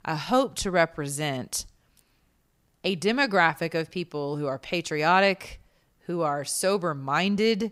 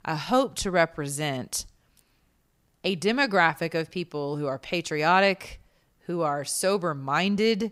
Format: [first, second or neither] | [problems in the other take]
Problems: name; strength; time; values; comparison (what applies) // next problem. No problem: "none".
neither | none